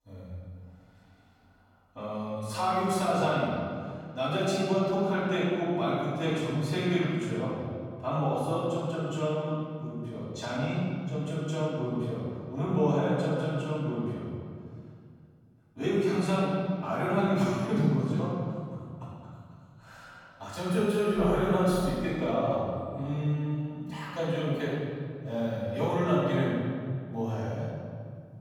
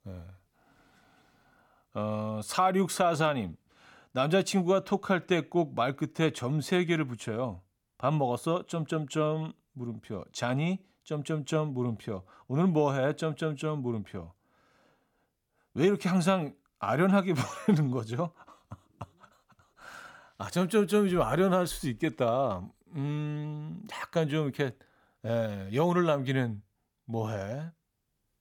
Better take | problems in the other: second | room echo; strong; dies away in 2 s // off-mic speech; far

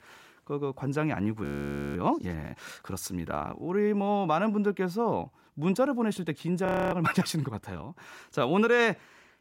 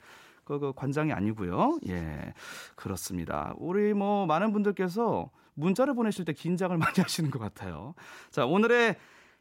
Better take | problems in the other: second | audio freezing; at 1.5 s for 0.5 s and at 6.5 s

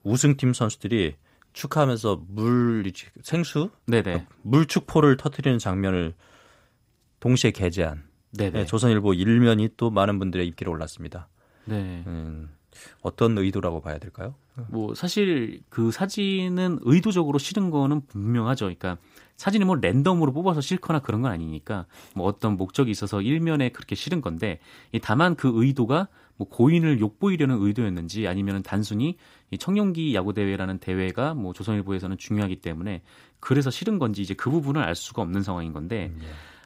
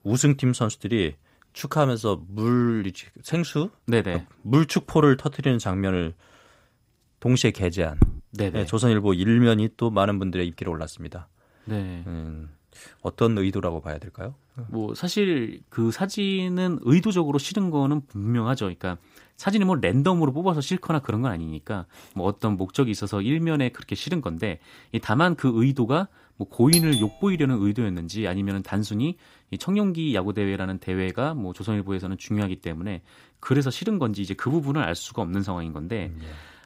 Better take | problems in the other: first | footsteps; loud; at 8 s; peak level with the speech // doorbell; loud; at 27 s; peak 2 dB above the speech

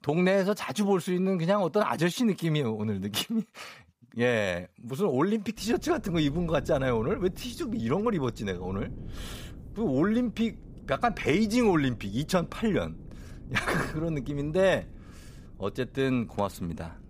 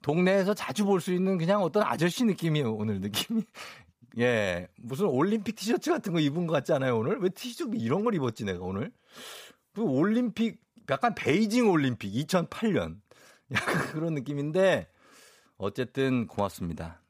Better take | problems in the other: second | wind noise on the microphone; occasional gusts; from 5.5 s on; 25 dB below the speech

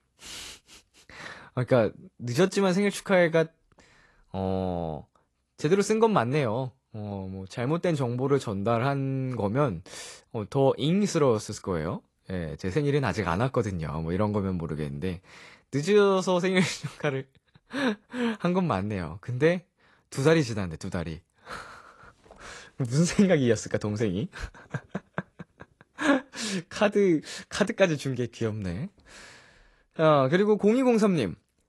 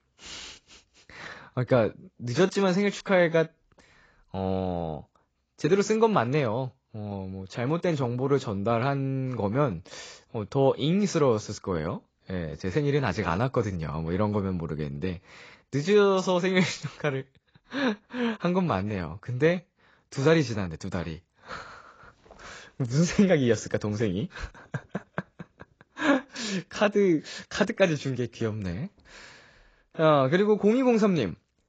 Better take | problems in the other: first | garbled, watery; badly; nothing above 7.5 kHz; slightly in the first

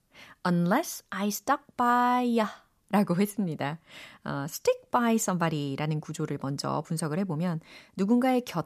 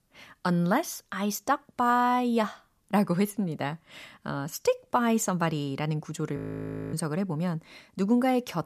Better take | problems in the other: first | audio freezing; at 6.5 s for 0.5 s

